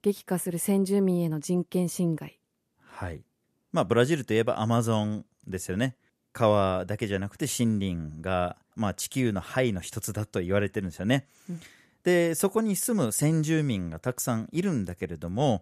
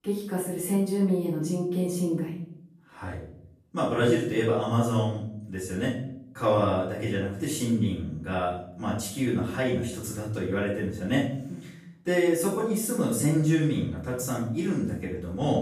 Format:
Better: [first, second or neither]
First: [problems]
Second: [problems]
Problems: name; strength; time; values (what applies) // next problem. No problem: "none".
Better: first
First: none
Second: off-mic speech; far // room echo; noticeable; dies away in 0.6 s